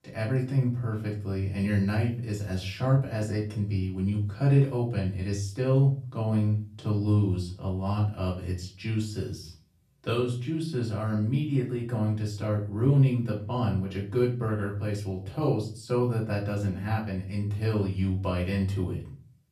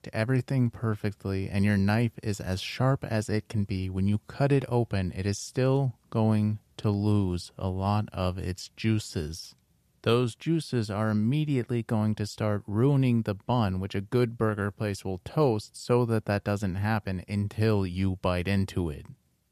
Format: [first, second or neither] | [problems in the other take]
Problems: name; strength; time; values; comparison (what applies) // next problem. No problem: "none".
second | off-mic speech; far // room echo; slight; dies away in 0.4 s